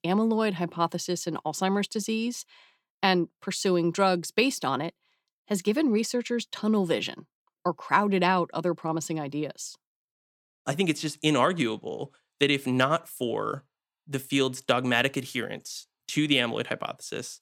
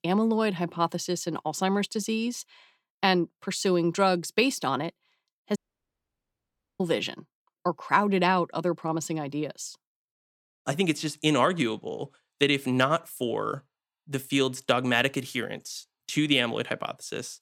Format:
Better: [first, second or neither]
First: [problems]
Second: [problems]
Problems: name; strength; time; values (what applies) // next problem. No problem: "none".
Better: first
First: none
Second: audio cutting out; at 5.5 s for 1 s